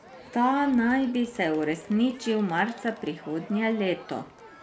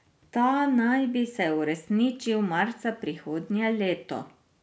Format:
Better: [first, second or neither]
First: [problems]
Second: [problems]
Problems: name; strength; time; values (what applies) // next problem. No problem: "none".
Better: second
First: background sound (Crowd); 19 dB below the speech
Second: none